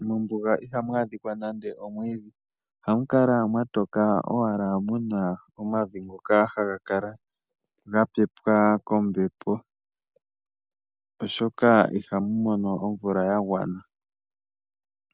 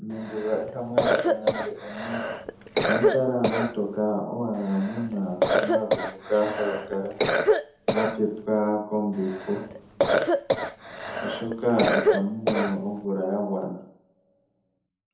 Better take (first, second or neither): first